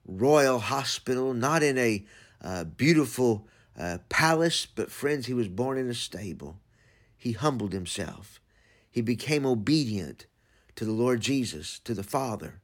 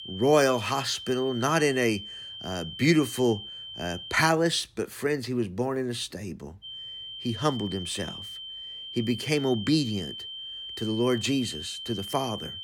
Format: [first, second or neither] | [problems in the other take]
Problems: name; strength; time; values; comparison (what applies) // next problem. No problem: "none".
first | high-pitched whine; loud; until 4.5 s and from 6.5 s on; 3 kHz, 10 dB below the speech